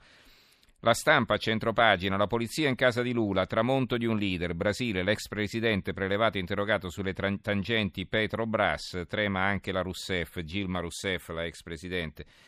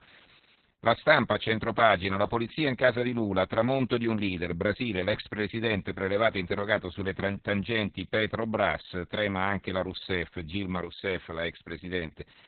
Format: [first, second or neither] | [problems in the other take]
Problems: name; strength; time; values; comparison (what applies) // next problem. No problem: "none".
first | garbled, watery; badly; nothing above 4 kHz